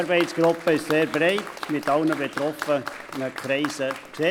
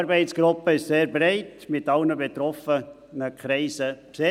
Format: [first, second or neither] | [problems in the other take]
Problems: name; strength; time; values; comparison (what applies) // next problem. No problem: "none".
second | background sound (Applause); 11 dB below the speech